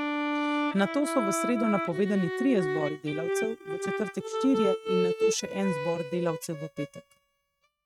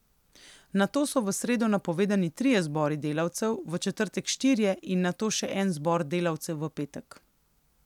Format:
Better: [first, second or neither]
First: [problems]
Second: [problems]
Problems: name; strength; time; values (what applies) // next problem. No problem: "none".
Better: second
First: noise reduction (neural mask model RNNoise)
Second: none